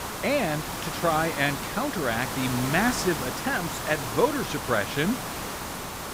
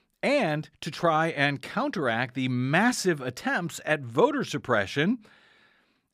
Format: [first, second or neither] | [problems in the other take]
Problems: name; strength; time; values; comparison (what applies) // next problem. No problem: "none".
second | hiss; loud; throughout; 4 dB below the speech